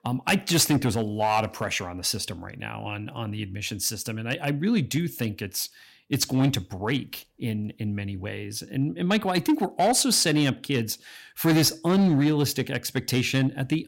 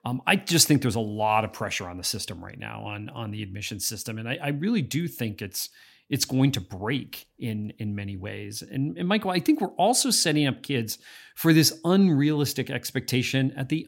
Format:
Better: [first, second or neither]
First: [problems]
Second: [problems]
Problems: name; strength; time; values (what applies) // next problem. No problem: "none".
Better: second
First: distortion; slight; 4% of the sound clipped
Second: none